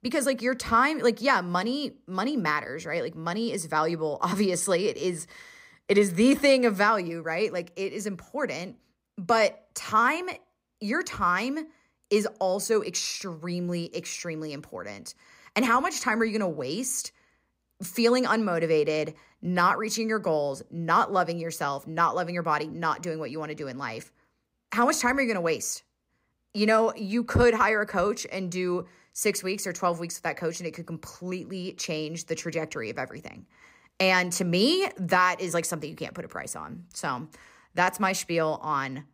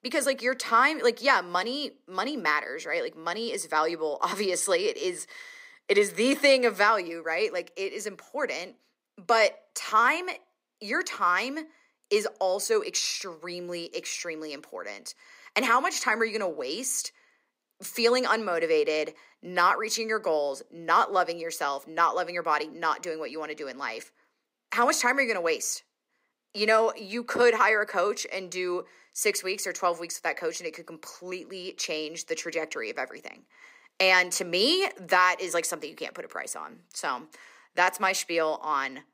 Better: first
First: none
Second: thin; somewhat; fading below 300 Hz

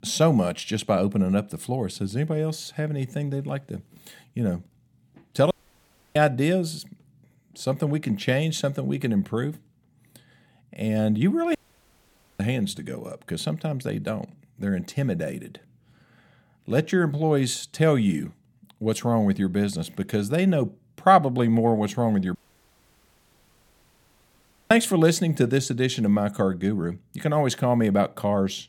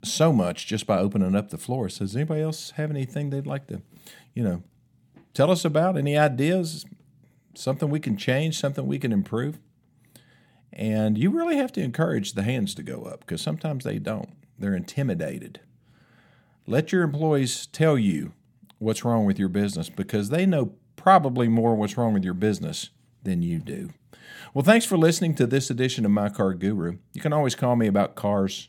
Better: second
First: audio cutting out; at 5.5 s for 0.5 s, at 12 s for 1 s and at 22 s for 2.5 s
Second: none

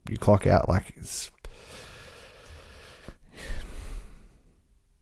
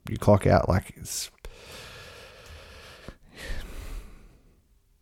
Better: second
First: garbled, watery; slightly; nothing above 15.5 kHz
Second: none

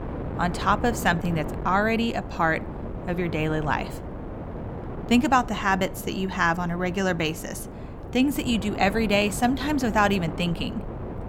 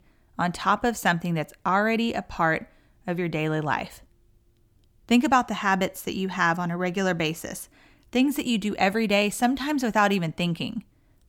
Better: second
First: wind noise on the microphone; occasional gusts; 15 dB below the speech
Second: none

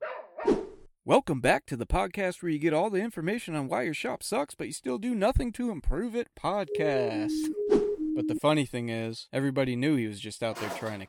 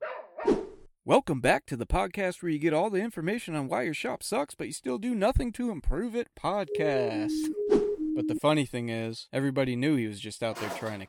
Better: neither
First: dog barking; noticeable; at the start; peak 9 dB below the speech // siren; noticeable; from 6.5 to 8.5 s; peak 1 dB below the speech // footsteps; noticeable; at 11 s; peak 8 dB below the speech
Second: dog barking; noticeable; at the start; peak 9 dB below the speech // siren; noticeable; from 6.5 to 8.5 s; peak 1 dB below the speech // footsteps; noticeable; at 11 s; peak 8 dB below the speech

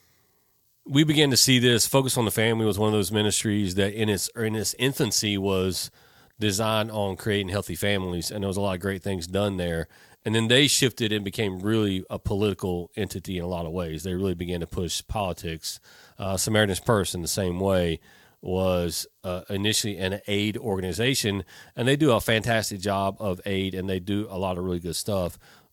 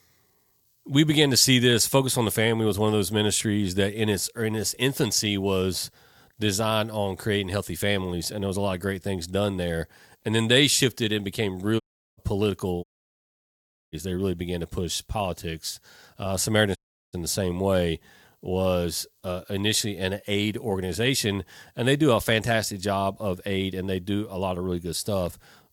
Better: first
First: none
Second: audio cutting out; at 12 s, at 13 s for 1 s and at 17 s

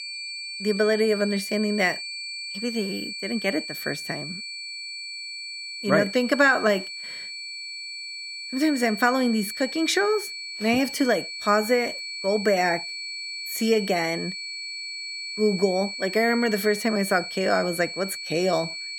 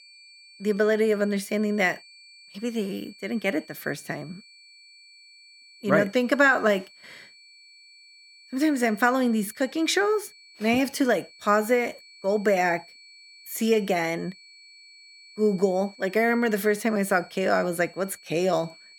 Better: second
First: high-pitched whine; loud; throughout; 4.5 kHz, 8 dB below the speech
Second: high-pitched whine; faint; throughout; 4.5 kHz, 25 dB below the speech

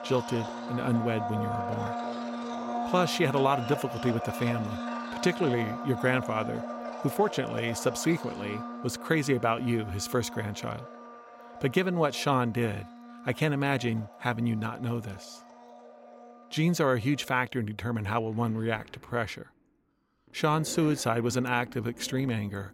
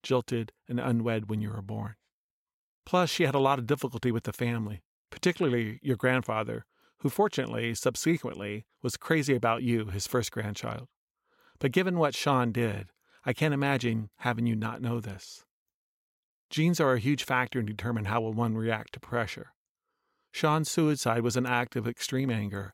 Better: second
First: household noises; loud; throughout; 9 dB below the speech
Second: none

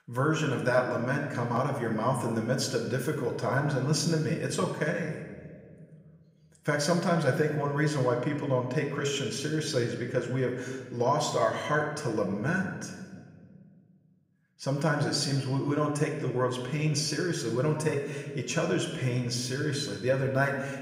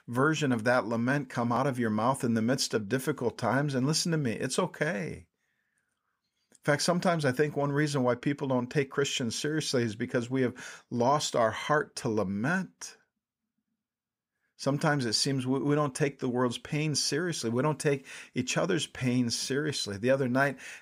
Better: second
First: room echo; slight; dies away in 1.3 s // off-mic speech; somewhat distant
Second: none

